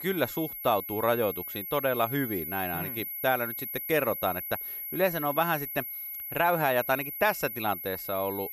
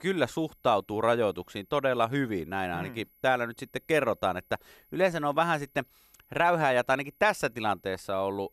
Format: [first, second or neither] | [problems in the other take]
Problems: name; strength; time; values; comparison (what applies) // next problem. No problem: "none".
second | high-pitched whine; loud; throughout; 11.5 kHz, 5 dB below the speech; faint in the second